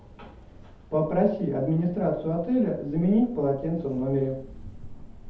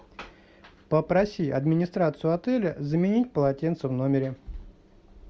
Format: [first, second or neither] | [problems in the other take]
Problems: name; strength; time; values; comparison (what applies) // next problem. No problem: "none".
second | background sound (Cricket); 17 dB below the speech // room echo; dies away in 0.6 s